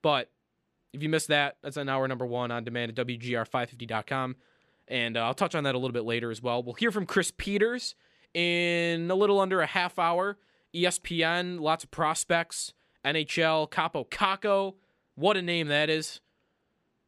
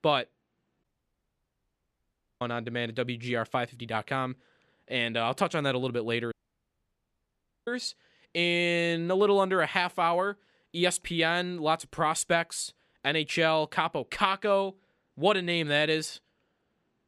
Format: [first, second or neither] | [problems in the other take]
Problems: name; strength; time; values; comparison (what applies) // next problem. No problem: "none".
first | audio cutting out; at 1 s for 1.5 s and at 6.5 s for 1.5 s